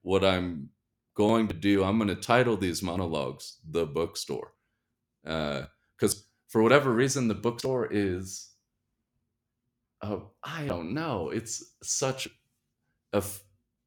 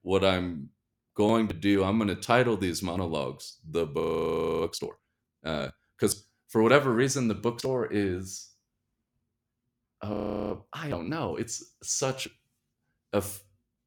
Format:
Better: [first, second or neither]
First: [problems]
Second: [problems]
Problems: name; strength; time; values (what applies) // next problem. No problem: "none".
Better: first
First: none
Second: audio freezing; at 4 s for 0.5 s and at 10 s